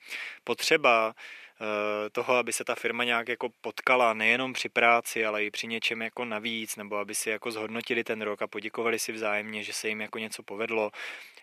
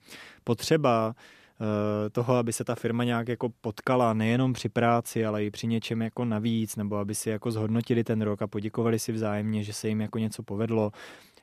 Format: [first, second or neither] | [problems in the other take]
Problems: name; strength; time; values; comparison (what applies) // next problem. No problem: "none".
second | thin; somewhat; fading below 450 Hz